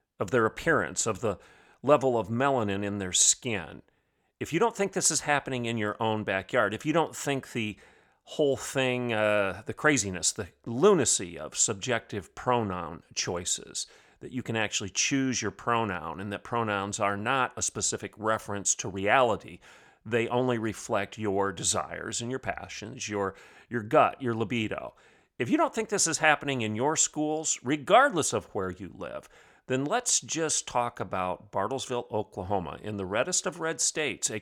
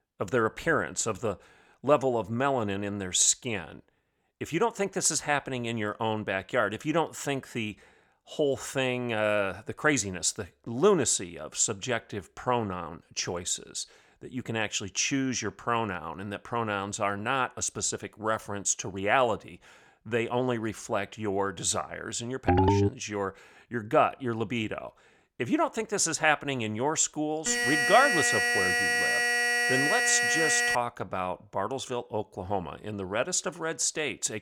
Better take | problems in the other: first | phone ringing; loud; at 22 s; peak 5 dB above the speech // alarm; loud; from 27 to 31 s; peak 5 dB above the speech

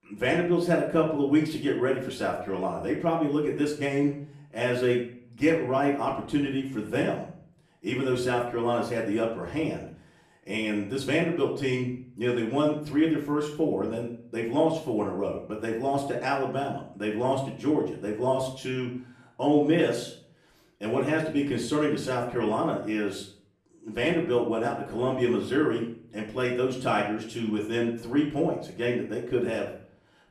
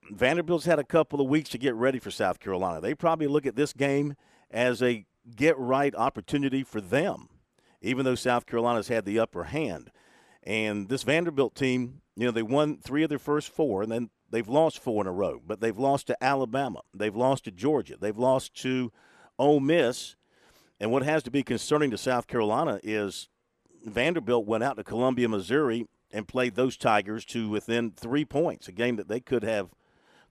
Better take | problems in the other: second | room echo; slight; dies away in 0.5 s // off-mic speech; far

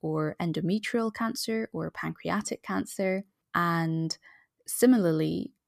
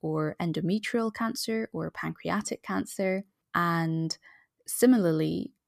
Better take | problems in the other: neither | none

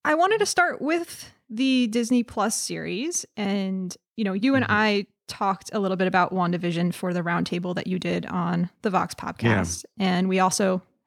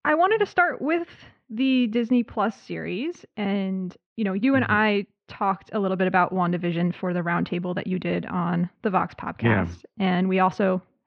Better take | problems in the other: first | muffled; very; fading above 3 kHz

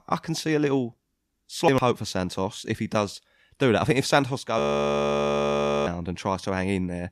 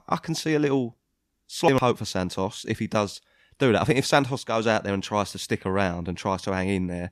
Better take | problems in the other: second | audio freezing; at 4.5 s for 1.5 s

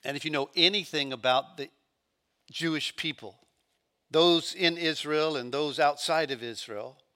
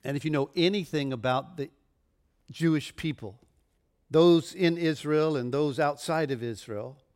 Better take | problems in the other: second | thin; somewhat; fading below 500 Hz

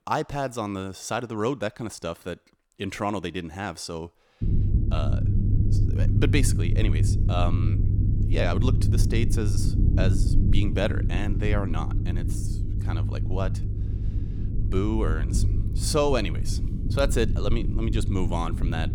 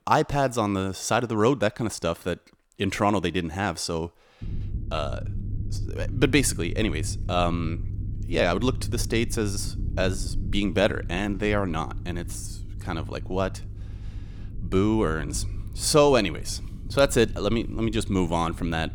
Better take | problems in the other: second | low rumble; loud; from 4.5 s on; 8 dB below the speech; faint in the second

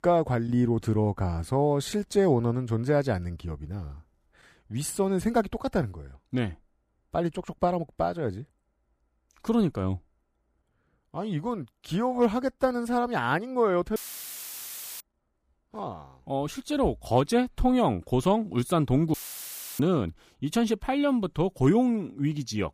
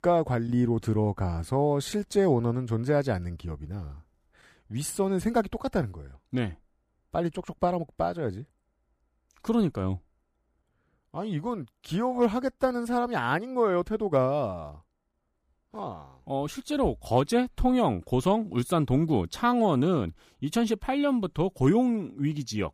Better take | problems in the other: second | audio cutting out; filled with static; at 14 s for 1 s and at 19 s for 0.5 s

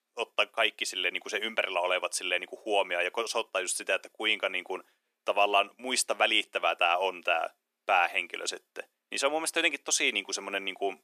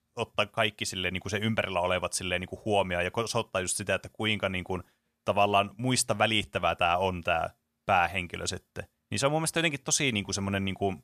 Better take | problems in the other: second | thin; very; fading below 300 Hz

